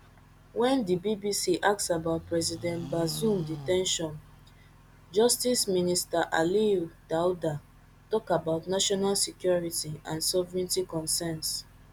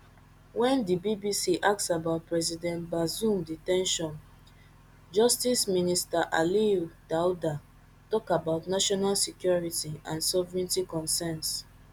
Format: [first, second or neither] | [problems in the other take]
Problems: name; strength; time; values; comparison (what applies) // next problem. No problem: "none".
second | background sound (Livestock, farm animals, working animals); 14 dB below the speech